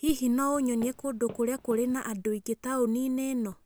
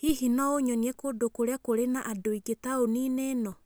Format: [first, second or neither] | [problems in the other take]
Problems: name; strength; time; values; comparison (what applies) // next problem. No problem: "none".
second | background sound (Walk, footsteps); 19 dB below the speech